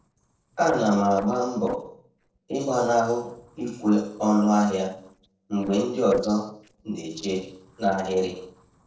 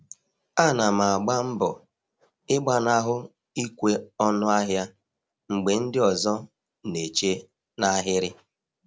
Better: second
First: noise reduction (neural separator model SepFormer DNS4)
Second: none

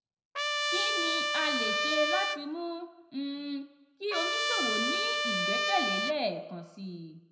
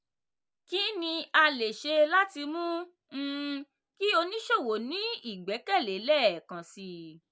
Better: second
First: background sound (Trumpet); 5 dB above the speech // room echo; dies away in 0.8 s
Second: none

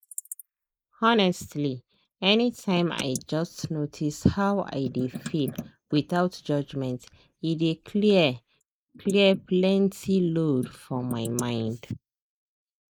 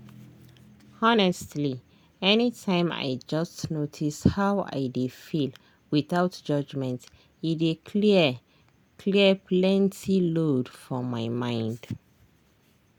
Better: second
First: noise reduction (neural mask model Resemble Enhance denoiser)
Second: none

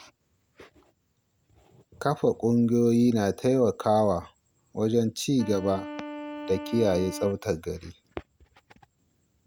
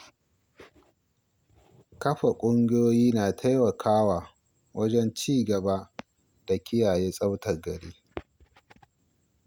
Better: second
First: background sound (Wind instrument, woodwind instrument); 13 dB below the speech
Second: none

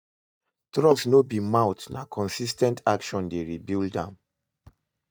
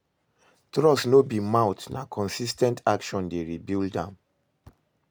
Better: second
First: noise reduction (neural mask model DeepFilterNet 3)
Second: none

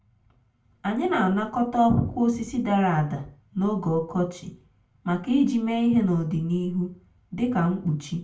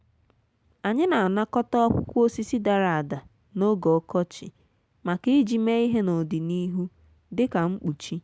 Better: second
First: room echo; dies away in 0.3 s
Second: none

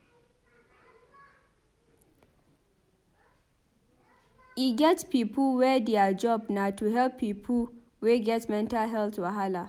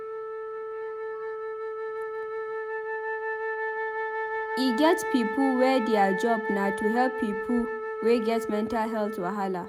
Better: first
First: none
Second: background sound (Wind instrument, woodwind instrument); 3 dB below the speech

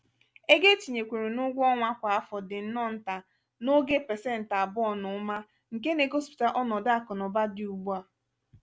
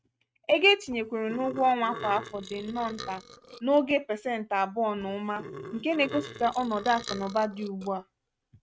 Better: first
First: none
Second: noise reduction (neural mask model RNNoise)

